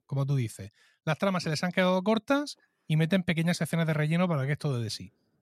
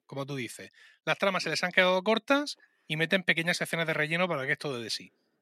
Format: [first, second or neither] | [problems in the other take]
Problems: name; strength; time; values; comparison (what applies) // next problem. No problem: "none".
first | thin; somewhat; fading below 300 Hz